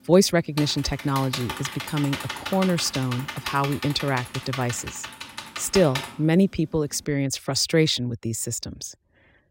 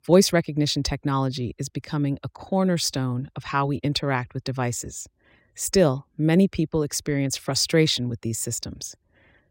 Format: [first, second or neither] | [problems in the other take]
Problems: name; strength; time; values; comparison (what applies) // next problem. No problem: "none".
second | keyboard typing; noticeable; from 0.5 to 6 s; peak 6 dB below the speech